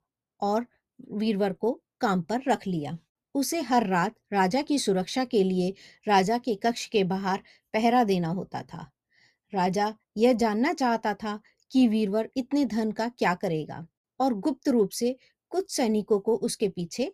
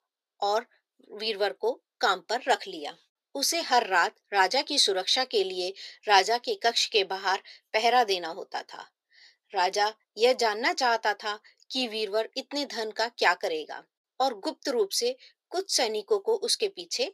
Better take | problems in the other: first | thin; very; fading below 400 Hz

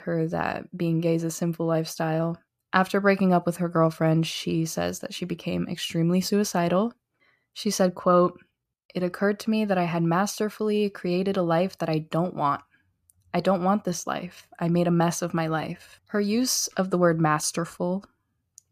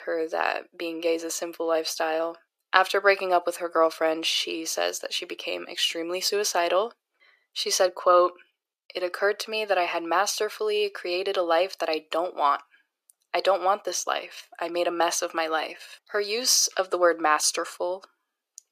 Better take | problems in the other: first | thin; very; fading below 400 Hz

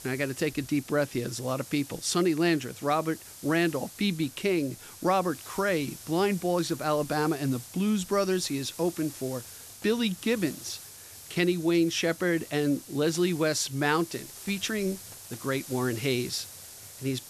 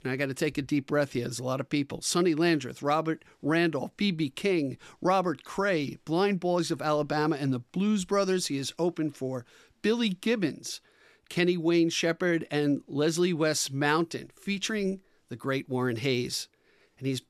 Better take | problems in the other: second | hiss; noticeable; throughout; 15 dB below the speech

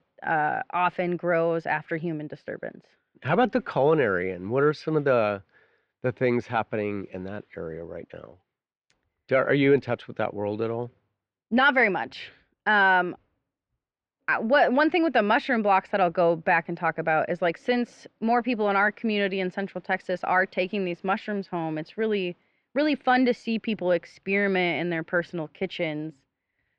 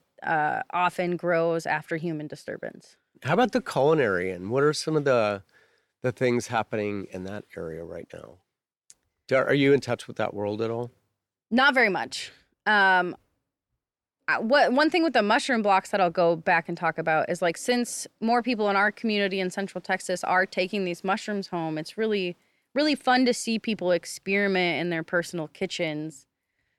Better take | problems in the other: second | muffled; slightly; fading above 3 kHz

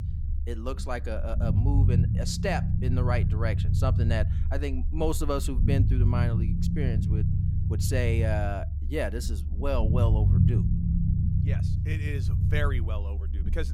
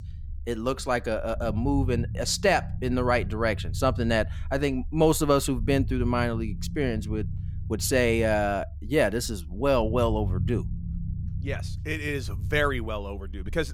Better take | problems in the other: second | low rumble; loud; throughout; 6 dB below the speech; faint in the second

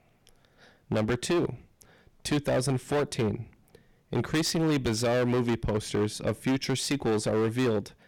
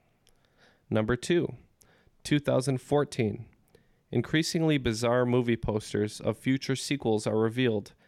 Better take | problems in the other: second | distortion; heavy; 15% of the sound clipped

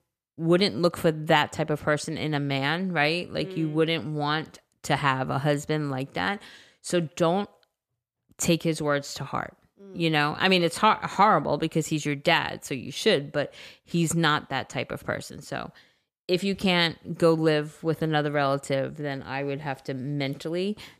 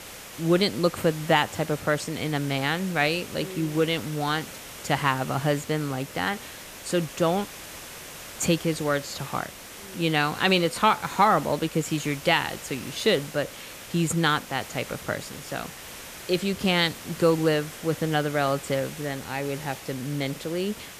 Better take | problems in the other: first | hiss; noticeable; throughout; 15 dB below the speech

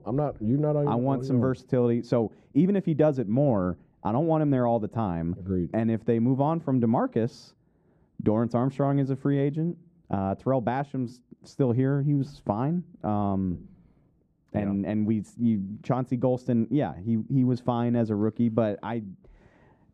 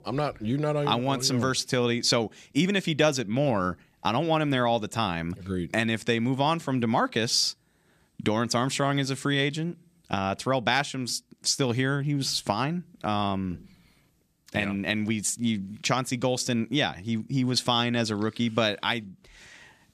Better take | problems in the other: second | muffled; very; fading above 1.5 kHz

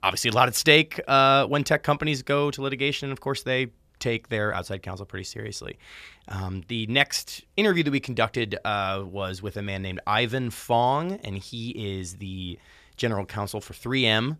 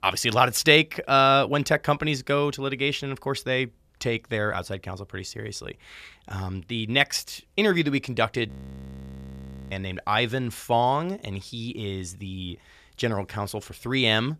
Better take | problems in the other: first | audio freezing; at 8.5 s for 1 s

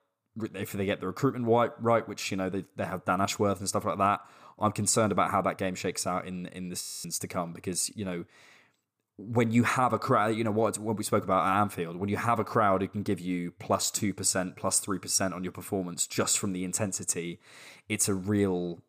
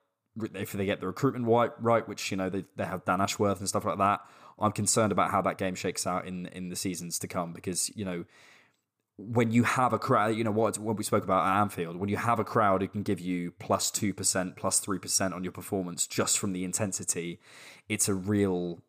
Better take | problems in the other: second | audio freezing; at 7 s

